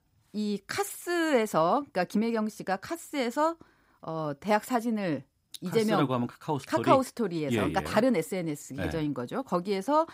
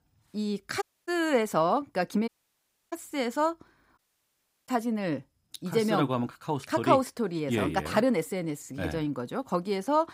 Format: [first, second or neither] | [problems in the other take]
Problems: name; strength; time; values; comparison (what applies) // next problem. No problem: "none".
first | audio cutting out; at 1 s, at 2.5 s for 0.5 s and at 4 s for 0.5 s